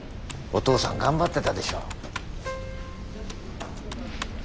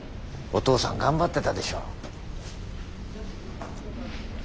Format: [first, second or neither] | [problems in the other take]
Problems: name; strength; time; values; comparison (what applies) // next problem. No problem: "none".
second | background sound (Keyboard (musical) + Computer keyboard); 12 dB below the speech